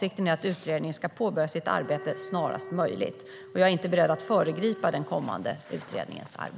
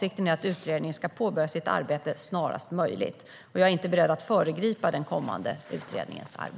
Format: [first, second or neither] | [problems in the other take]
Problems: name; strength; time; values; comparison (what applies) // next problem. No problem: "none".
second | background sound (Wind instrument, woodwind instrument); 15 dB below the speech